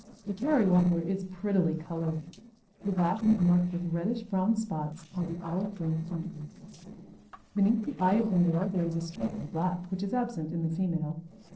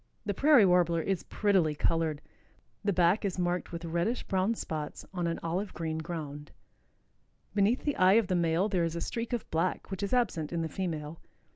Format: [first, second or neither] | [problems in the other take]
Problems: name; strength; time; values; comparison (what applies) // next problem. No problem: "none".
second | noise reduction (neural separator model SepFormer DNS4)